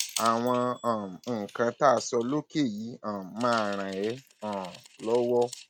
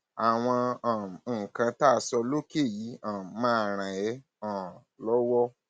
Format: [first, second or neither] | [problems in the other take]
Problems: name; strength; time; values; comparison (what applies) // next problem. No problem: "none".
second | noise reduction (neural mask model RNNoise)